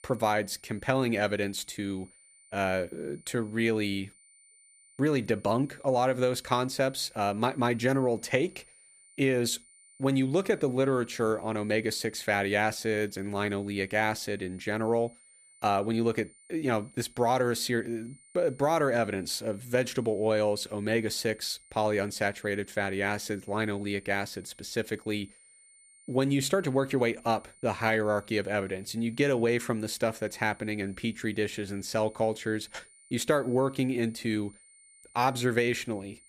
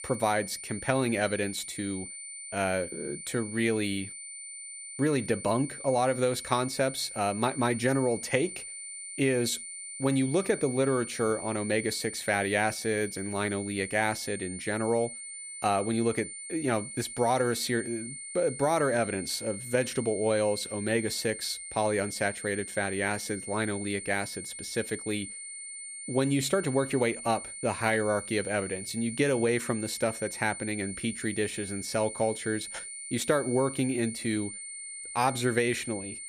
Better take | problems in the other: first | high-pitched whine; loud; throughout; 9 kHz, 9 dB below the speech; faint in the first

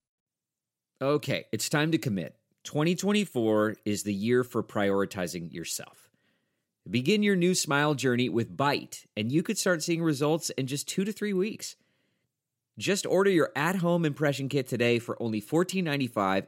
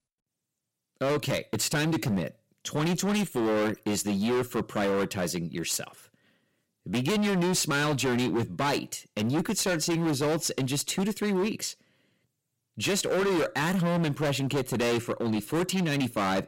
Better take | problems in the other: first | distortion; heavy; 22% of the sound clipped

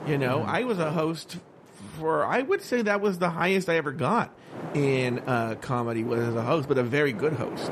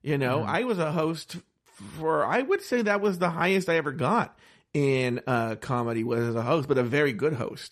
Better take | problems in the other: second | wind noise on the microphone; occasional gusts; 15 dB below the speech

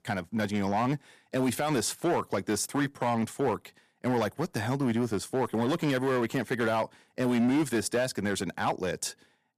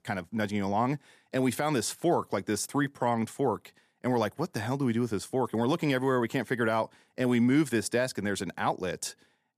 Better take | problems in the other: second | distortion; slight; 8% of the sound clipped

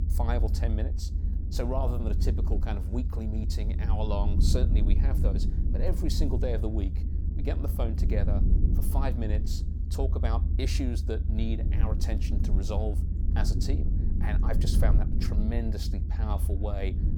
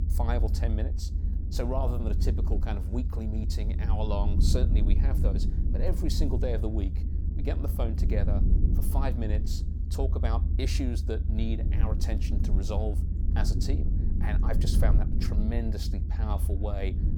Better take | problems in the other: neither | low rumble; loud; throughout; 6 dB below the speech; the same in both

